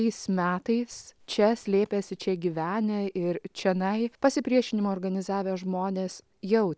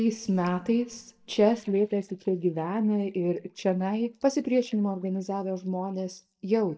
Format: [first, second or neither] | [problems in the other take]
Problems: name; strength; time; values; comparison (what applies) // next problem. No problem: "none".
first | noise reduction (neural mask model DeepFilterNet 3)